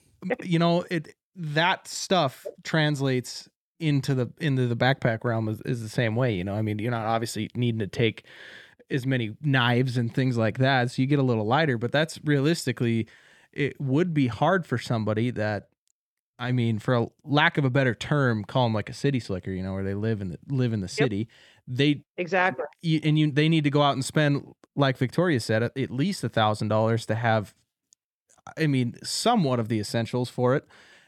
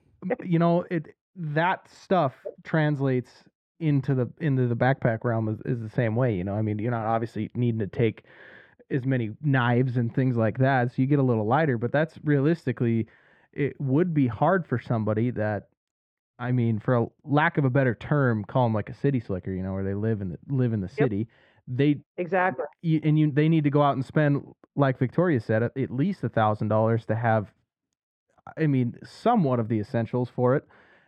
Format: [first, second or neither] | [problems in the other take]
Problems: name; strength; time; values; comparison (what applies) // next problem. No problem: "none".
first | muffled; very; fading above 3.5 kHz